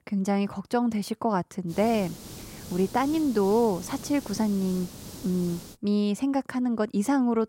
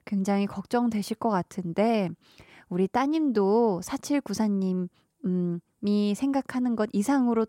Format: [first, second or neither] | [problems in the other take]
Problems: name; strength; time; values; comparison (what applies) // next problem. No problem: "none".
second | hiss; noticeable; from 1.5 to 5.5 s; 15 dB below the speech